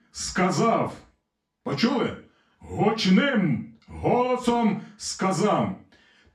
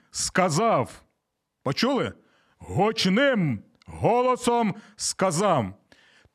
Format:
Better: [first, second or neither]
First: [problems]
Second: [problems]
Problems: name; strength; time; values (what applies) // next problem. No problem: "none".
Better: second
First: room echo; slight; dies away in 0.3 s // off-mic speech; far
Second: none